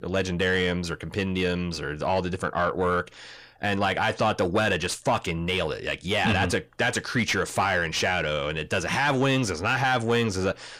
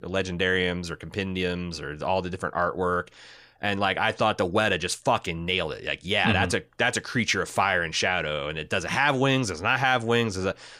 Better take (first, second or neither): second